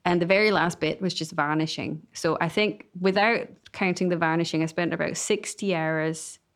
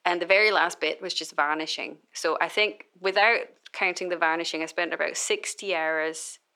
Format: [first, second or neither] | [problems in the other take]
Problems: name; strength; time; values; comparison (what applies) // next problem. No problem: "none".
first | thin; very; fading below 450 Hz